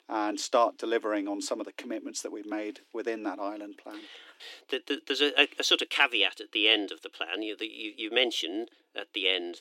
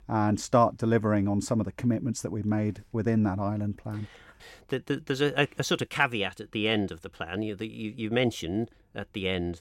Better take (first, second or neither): second